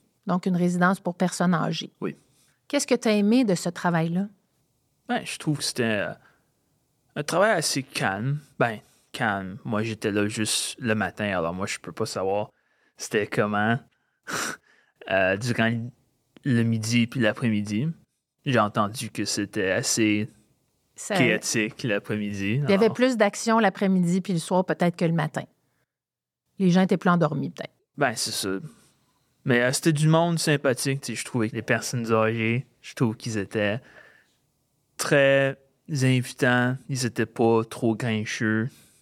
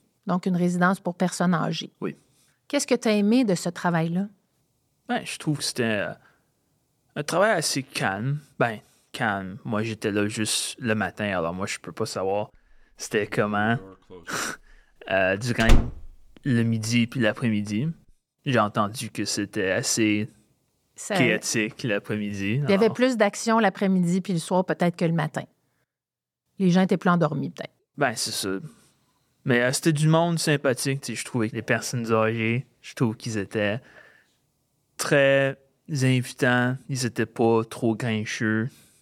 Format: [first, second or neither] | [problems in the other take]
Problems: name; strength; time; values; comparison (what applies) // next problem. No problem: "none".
first | door banging; loud; at 16 s; peak level with the speech